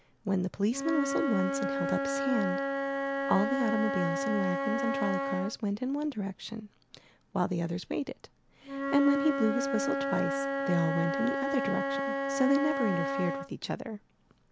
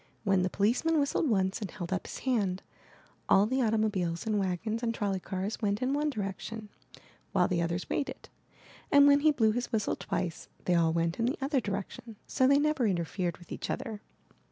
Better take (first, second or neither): second